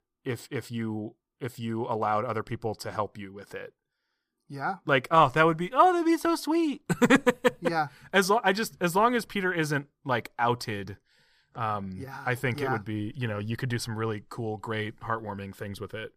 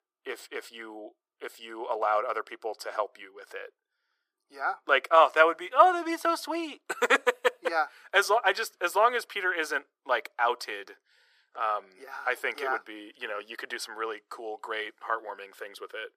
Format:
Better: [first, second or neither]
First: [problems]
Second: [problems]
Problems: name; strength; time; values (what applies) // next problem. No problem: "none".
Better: first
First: none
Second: thin; very; fading below 350 Hz